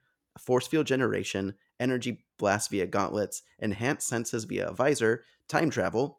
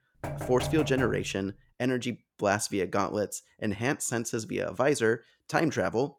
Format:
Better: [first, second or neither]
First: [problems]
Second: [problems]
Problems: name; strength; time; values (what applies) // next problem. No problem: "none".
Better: first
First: none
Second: door banging; noticeable; until 1.5 s; peak 5 dB below the speech